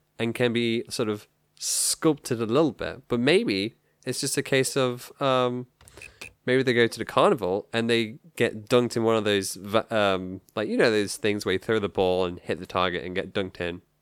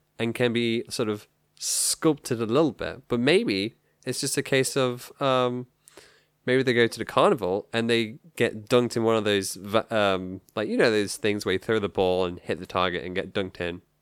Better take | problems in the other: second | keyboard typing; faint; at 6 s; peak 15 dB below the speech

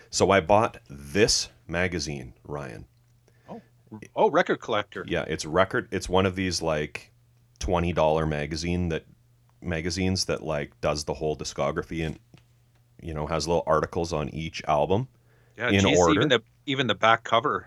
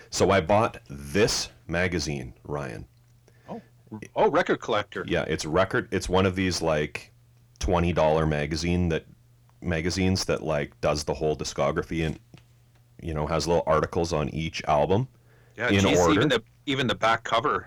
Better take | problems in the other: first | distortion; slight; 10 dB below the speech

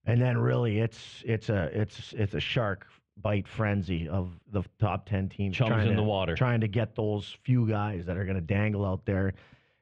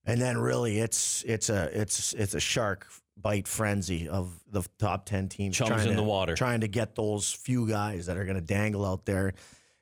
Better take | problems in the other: second | muffled; very; fading above 3 kHz

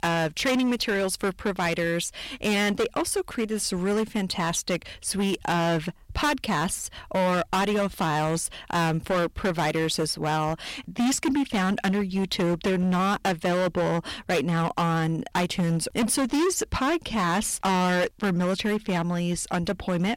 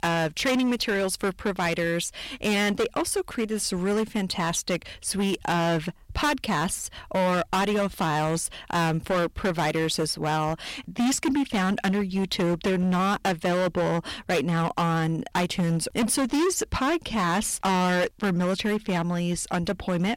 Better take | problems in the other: neither | distortion; heavy; 19% of the sound clipped; the same in both

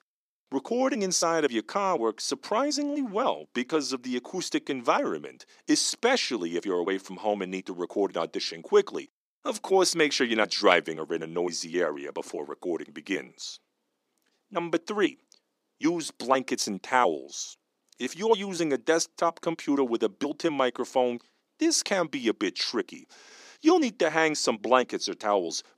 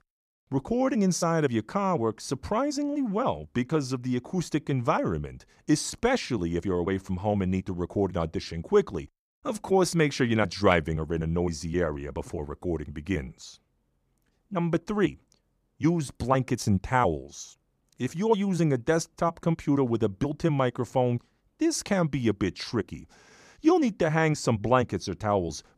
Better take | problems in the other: second | thin; very slightly; fading below 250 Hz

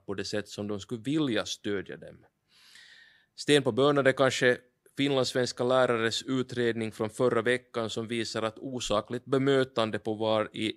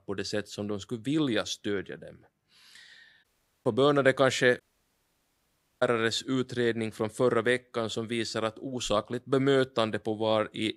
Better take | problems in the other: first | audio cutting out; at 3 s and at 4.5 s for 1 s

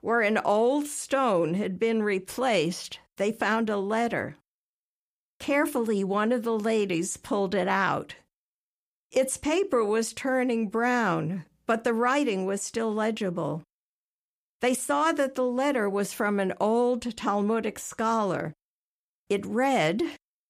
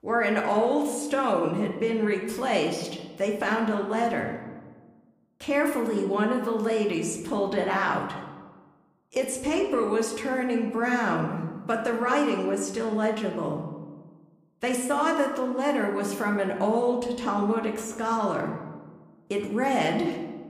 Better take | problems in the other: first | room echo; slight; dies away in 1 s

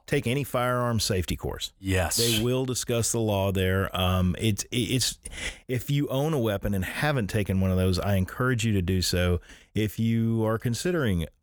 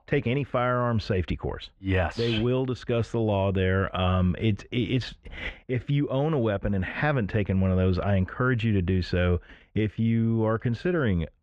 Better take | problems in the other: first | muffled; very; fading above 2.5 kHz

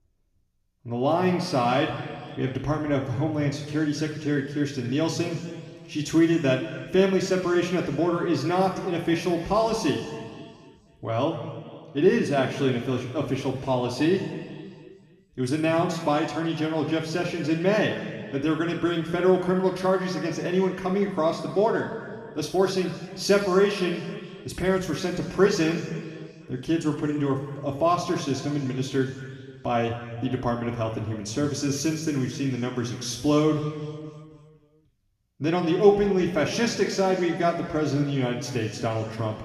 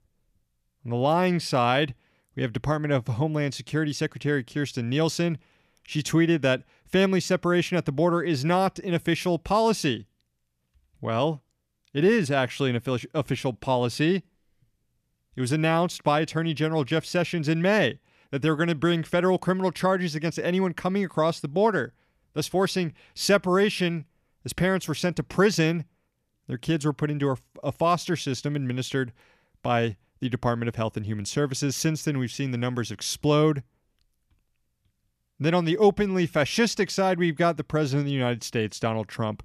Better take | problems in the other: second | room echo; noticeable; dies away in 1.8 s // off-mic speech; far

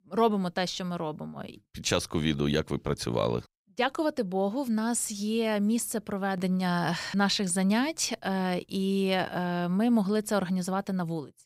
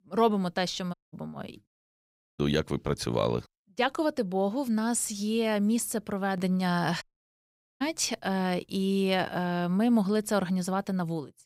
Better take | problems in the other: first | audio cutting out; at 1 s, at 1.5 s for 0.5 s and at 7 s for 1 s

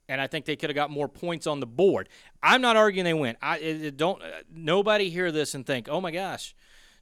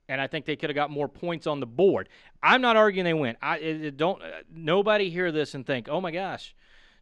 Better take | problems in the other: first | muffled; very slightly; fading above 3.5 kHz

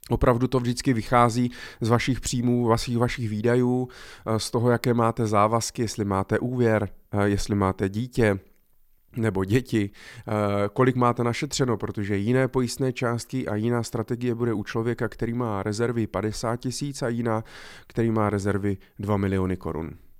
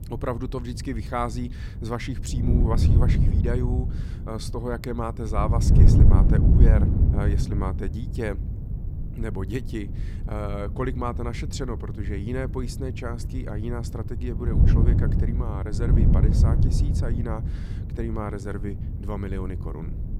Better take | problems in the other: first | wind noise on the microphone; heavy; 4 dB below the speech

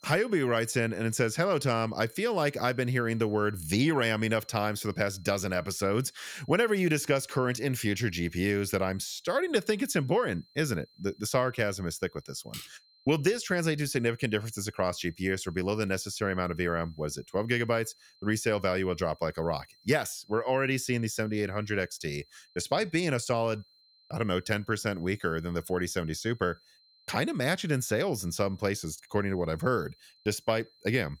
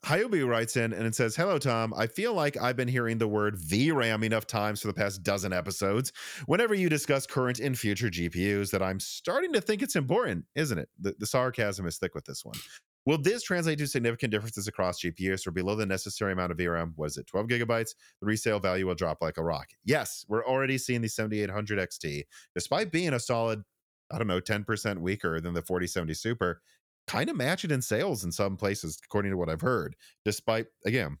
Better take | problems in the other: second | high-pitched whine; faint; throughout; 4 kHz, 30 dB below the speech

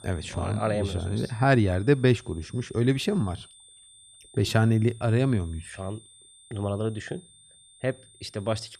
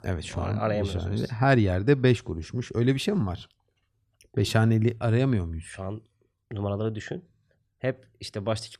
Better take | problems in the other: second | high-pitched whine; faint; throughout; 9 kHz, 25 dB below the speech

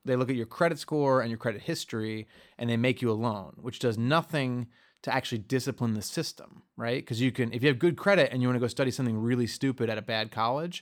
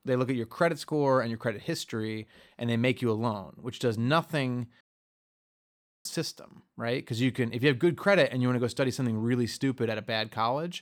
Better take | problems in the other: first | audio cutting out; at 5 s for 1 s

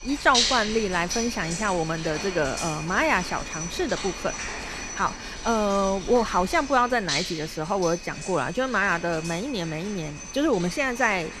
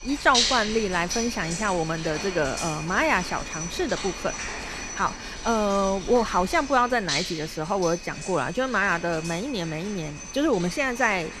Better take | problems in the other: neither | rain or running water; loud; throughout; 6 dB below the speech; the same in both

